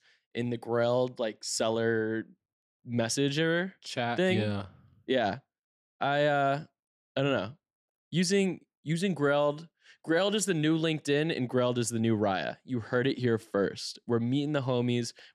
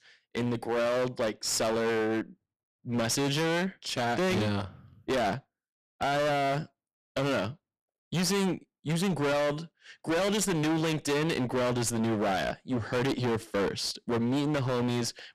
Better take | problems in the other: first | distortion; heavy; 28% of the sound clipped

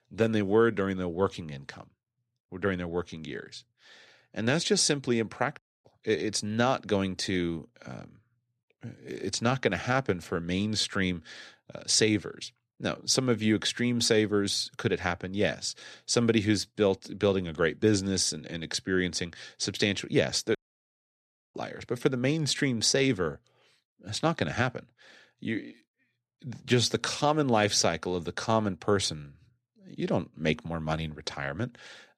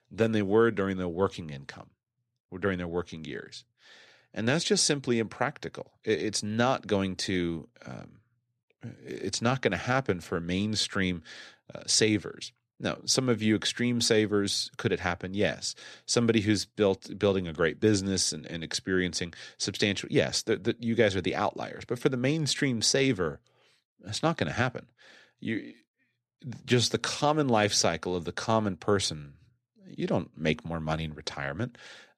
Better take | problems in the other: second | audio cutting out; at 5.5 s and at 21 s for 1 s

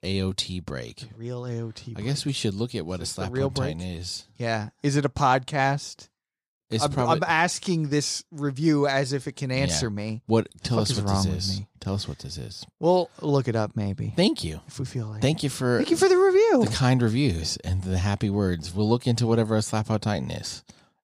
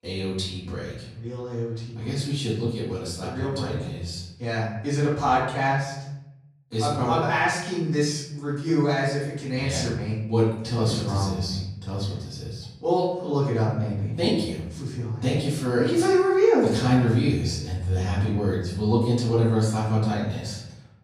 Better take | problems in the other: first | off-mic speech; far // room echo; noticeable; dies away in 0.8 s

